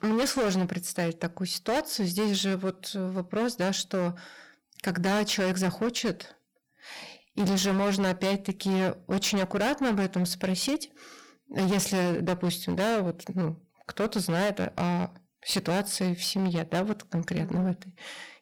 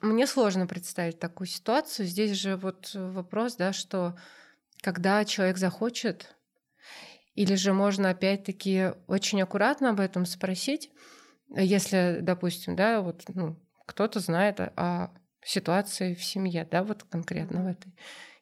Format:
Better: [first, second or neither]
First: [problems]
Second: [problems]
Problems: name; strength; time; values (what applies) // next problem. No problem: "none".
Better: second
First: distortion; heavy; 16% of the sound clipped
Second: none